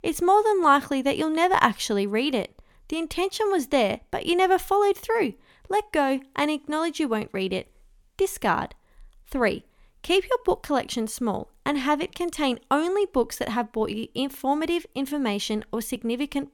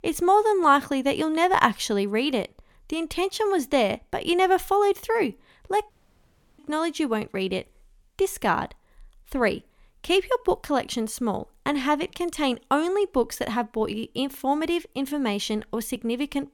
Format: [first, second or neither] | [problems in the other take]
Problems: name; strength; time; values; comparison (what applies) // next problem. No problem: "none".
first | audio cutting out; at 6 s for 0.5 s